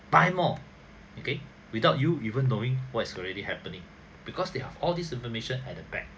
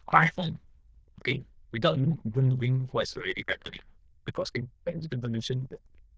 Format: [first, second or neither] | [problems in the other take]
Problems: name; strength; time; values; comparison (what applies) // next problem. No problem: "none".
first | noise reduction (neural diffusion model UNIVERSE++)